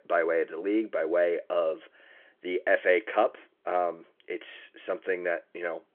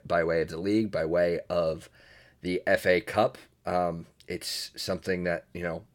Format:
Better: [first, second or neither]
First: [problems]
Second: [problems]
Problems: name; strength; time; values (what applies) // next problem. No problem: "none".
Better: second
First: phone-call audio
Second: none